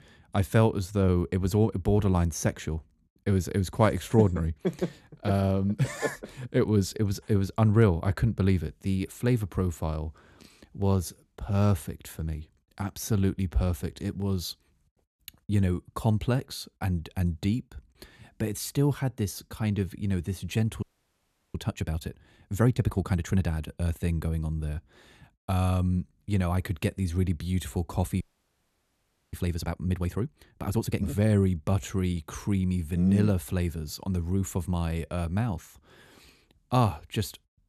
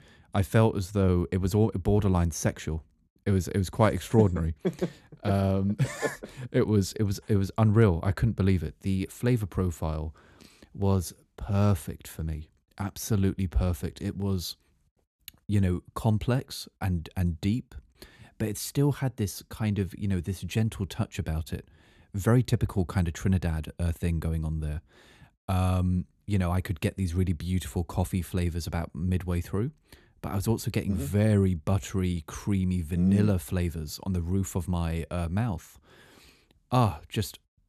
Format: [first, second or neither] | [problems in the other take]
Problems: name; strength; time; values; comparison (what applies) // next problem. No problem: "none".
second | audio freezing; at 21 s for 0.5 s and at 28 s for 1 s